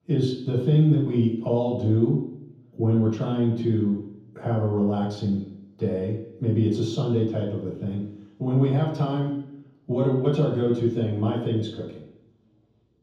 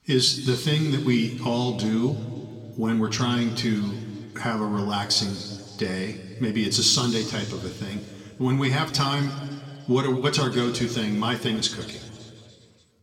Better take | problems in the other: second | room echo; strong; dies away in 0.9 s; slight in the second // off-mic speech; far; somewhat distant in the second

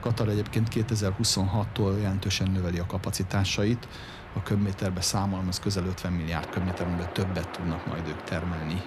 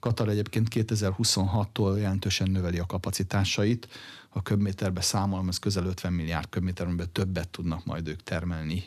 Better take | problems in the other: second | train or aircraft noise; noticeable; throughout; 10 dB below the speech

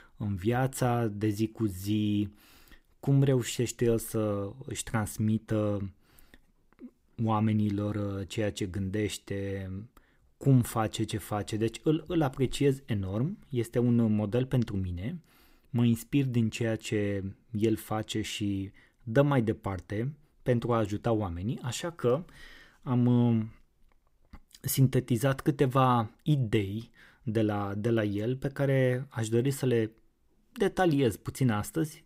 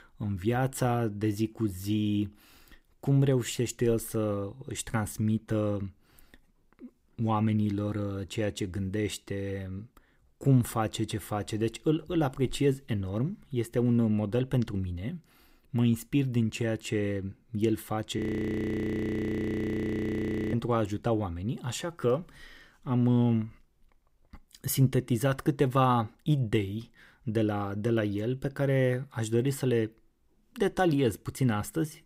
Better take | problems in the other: first | audio freezing; at 18 s for 2.5 s

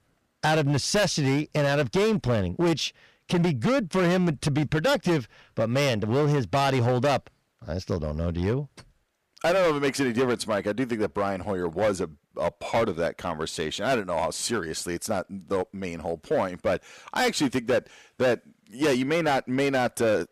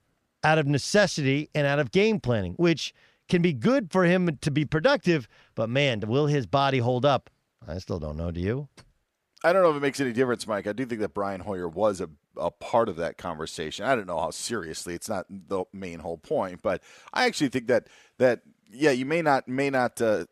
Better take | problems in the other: second | distortion; heavy; 12% of the sound clipped

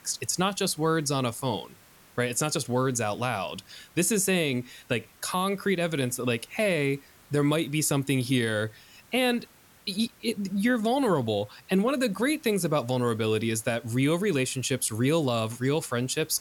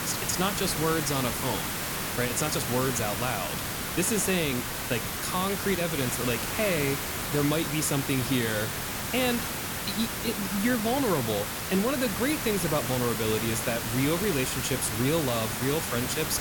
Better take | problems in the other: first | hiss; loud; throughout; 1 dB below the speech; faint in the first

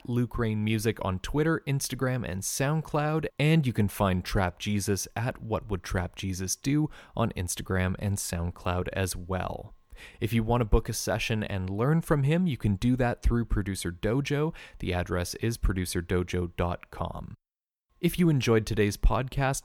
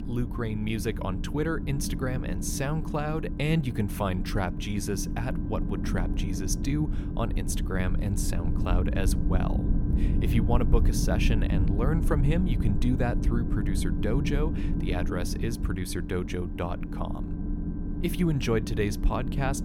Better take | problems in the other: first | low rumble; loud; throughout; 6 dB below the speech

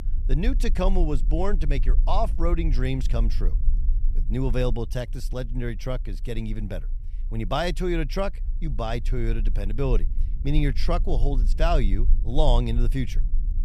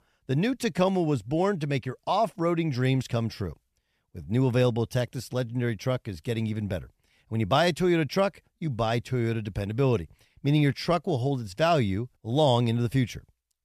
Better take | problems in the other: second | low rumble; faint; throughout; 20 dB below the speech

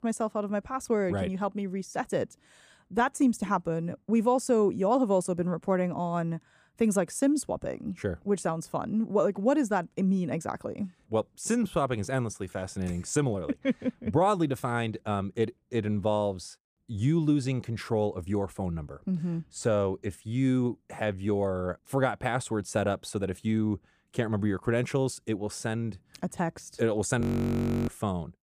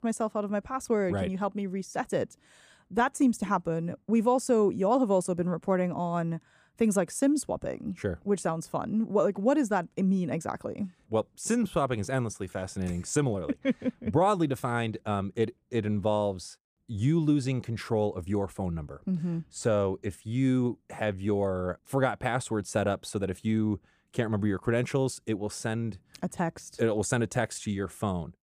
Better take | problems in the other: second | audio freezing; at 27 s for 0.5 s

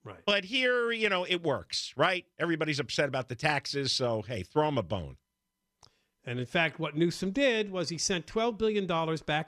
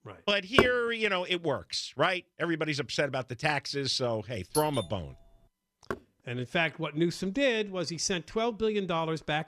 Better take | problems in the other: first | door banging; loud; at 0.5 s; peak 3 dB above the speech // doorbell; noticeable; at 4.5 s; peak 7 dB below the speech // door banging; faint; at 6 s; peak 10 dB below the speech

